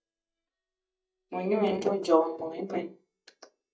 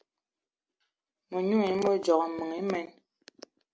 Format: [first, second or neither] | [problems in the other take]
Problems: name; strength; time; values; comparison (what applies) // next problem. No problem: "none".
second | noise reduction (neural mask model DeepFilterNet 3)